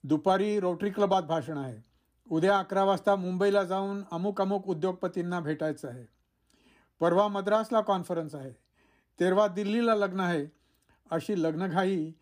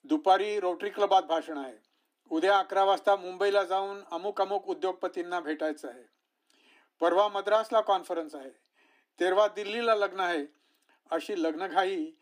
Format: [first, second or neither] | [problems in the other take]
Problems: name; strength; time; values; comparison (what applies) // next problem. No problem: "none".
first | thin; somewhat; fading below 300 Hz